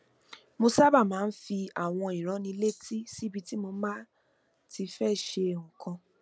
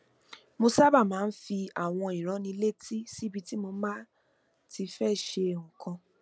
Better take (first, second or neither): second